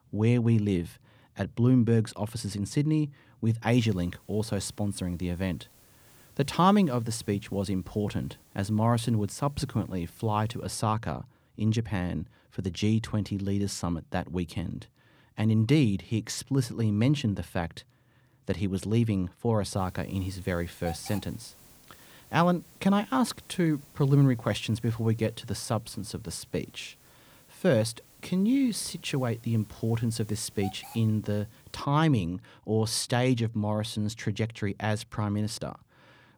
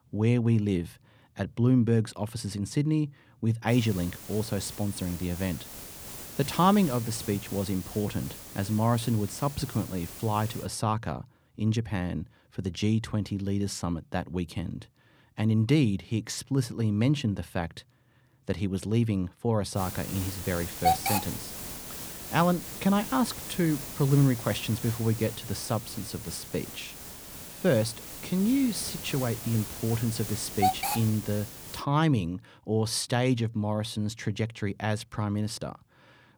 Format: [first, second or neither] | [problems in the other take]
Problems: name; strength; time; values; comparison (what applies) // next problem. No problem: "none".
first | hiss; loud; from 3.5 to 11 s and from 20 to 32 s; 7 dB below the speech; faint in the first